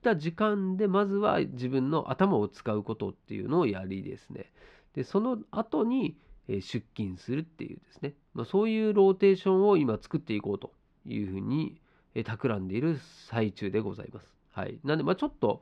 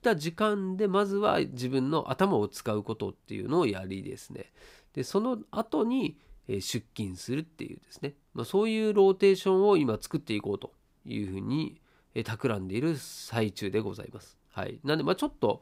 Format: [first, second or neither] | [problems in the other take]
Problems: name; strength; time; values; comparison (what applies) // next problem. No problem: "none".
second | muffled; slightly; fading above 3 kHz